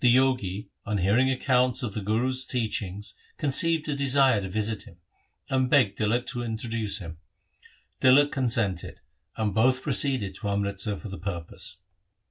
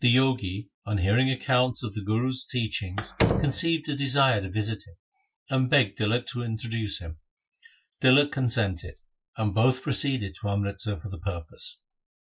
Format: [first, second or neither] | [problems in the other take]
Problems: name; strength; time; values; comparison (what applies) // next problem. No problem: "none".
first | noise reduction (classical method Wiener filter)